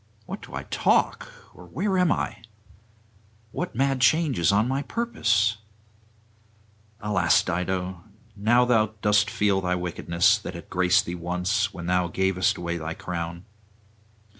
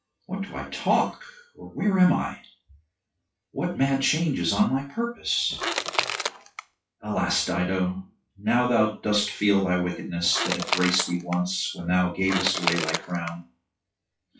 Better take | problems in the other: first | noise reduction (classical method WPE with log-MMSE)

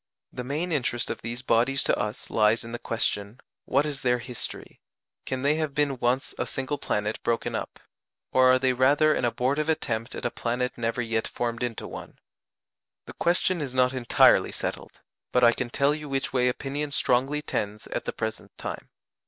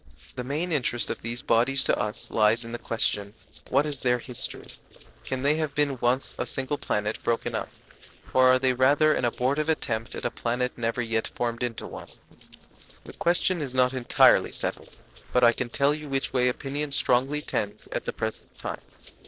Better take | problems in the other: first | noise reduction (neural separator model SepFormer DNS4)

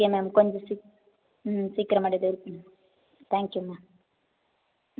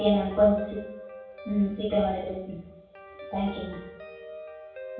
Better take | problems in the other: first | background sound (Guitar); 15 dB below the speech // room echo; dies away in 0.6 s

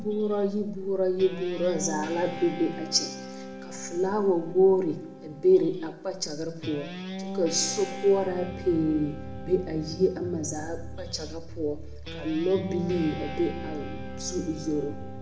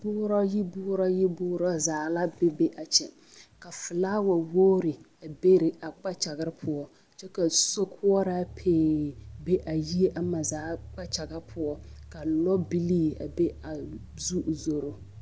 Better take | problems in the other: second | background sound (Guitar); 12 dB below the speech // room echo; dies away in 0.8 s

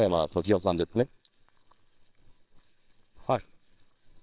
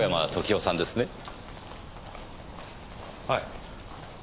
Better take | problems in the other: second | noise reduction (neural separator model SepFormer WHAMR!)

